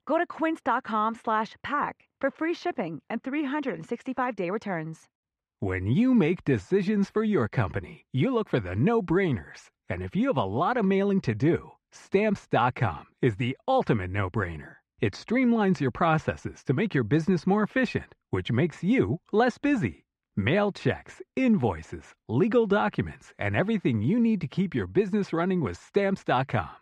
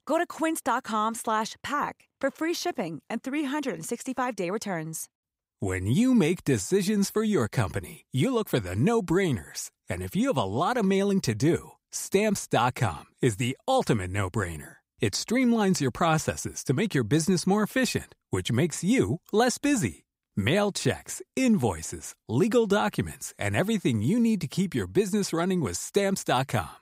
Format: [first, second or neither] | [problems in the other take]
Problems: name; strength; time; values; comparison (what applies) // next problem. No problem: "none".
second | muffled; very; fading above 2 kHz